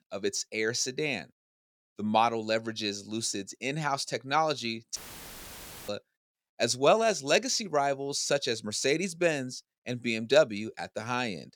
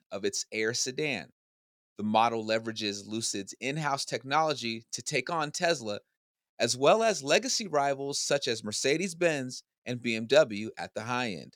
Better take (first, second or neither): second